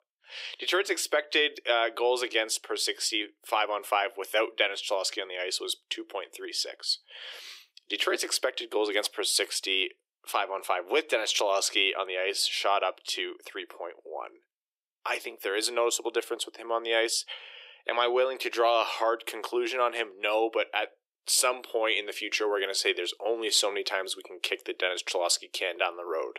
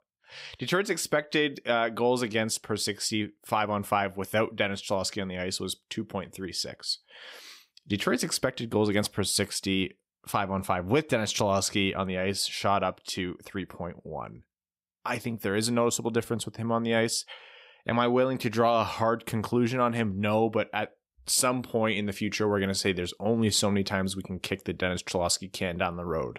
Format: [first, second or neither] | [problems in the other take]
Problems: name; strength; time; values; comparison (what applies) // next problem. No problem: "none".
second | thin; very; fading below 350 Hz